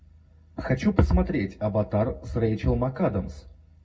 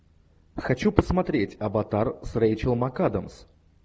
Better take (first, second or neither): second